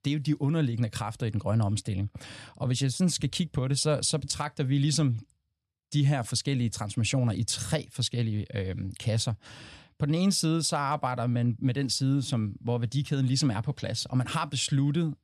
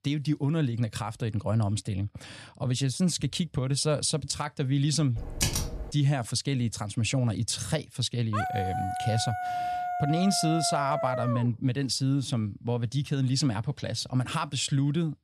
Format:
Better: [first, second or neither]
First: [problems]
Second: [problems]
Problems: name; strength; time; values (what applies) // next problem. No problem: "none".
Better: first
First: none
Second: keyboard typing; loud; at 5 s; peak level with the speech // dog barking; noticeable; from 8.5 to 11 s; peak 2 dB below the speech